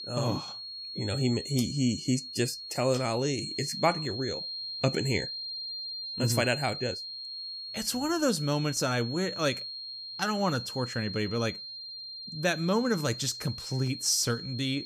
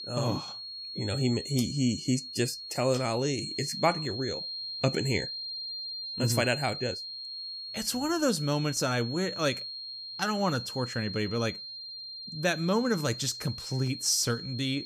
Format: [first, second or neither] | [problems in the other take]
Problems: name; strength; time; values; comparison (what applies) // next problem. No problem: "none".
neither | high-pitched whine; loud; throughout; 4 kHz, 7 dB below the speech; the same in both